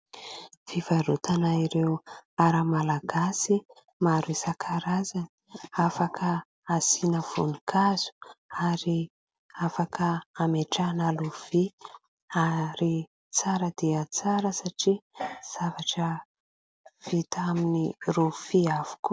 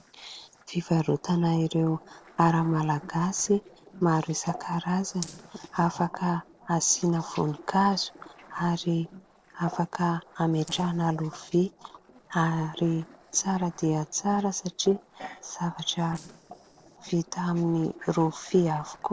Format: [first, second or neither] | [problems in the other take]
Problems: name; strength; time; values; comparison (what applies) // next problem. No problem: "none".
first | noise reduction (neural separator model SepFormer DNS4)